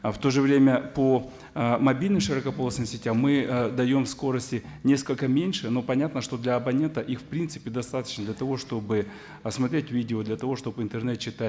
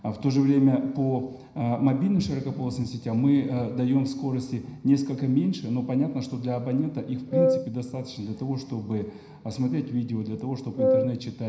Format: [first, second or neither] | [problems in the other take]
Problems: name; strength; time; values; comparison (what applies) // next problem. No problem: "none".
first | background sound (Wind instrument, woodwind instrument); 2 dB above the speech // room echo; dies away in 0.9 s